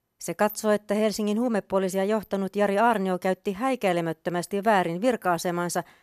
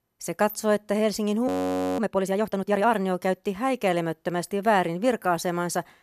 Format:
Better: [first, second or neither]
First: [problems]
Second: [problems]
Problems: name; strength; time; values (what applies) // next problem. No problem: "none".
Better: first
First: none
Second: audio freezing; at 1.5 s for 0.5 s